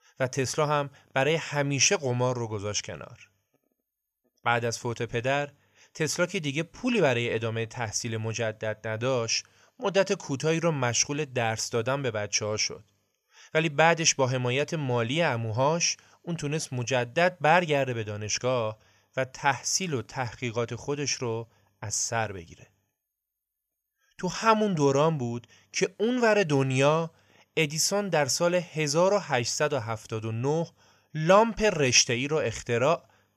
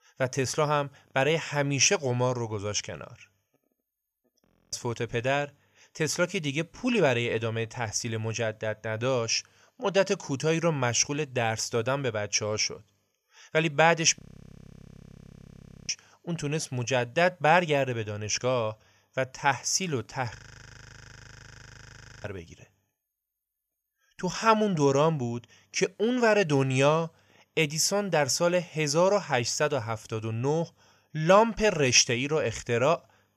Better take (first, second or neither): first